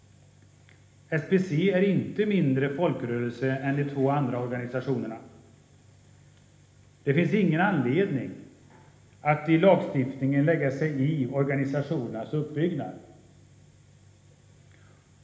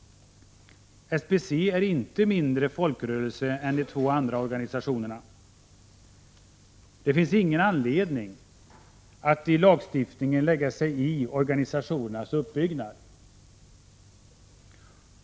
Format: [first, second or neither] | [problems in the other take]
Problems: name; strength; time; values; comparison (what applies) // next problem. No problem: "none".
second | room echo; dies away in 1.1 s